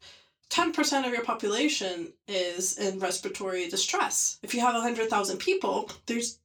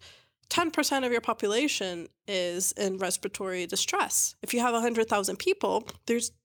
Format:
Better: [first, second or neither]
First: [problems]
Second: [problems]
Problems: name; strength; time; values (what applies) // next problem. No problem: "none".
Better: second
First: room echo; very slight; dies away in 0.2 s // off-mic speech; far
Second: none